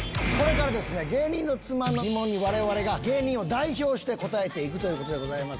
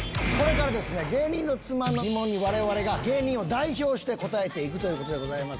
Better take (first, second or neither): first